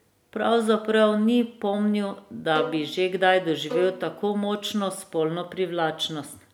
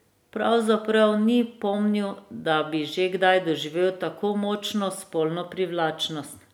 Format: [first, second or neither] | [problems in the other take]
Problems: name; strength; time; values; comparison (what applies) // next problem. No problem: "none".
second | background sound (Bowed string instrument); 11 dB below the speech